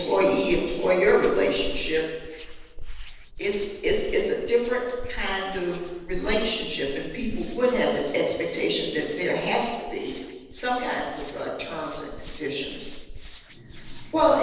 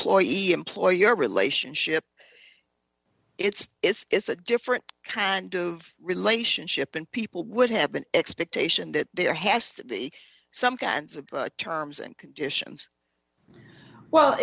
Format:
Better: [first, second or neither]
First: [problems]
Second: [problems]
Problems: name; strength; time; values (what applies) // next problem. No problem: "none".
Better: second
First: background sound (Hands); 10 dB below the speech // room echo; dies away in 1.1 s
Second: none